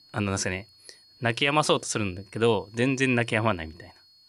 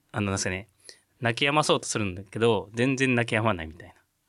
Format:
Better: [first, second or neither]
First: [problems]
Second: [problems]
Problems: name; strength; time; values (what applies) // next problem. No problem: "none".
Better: second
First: high-pitched whine; faint; throughout; 4.5 kHz, 30 dB below the speech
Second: none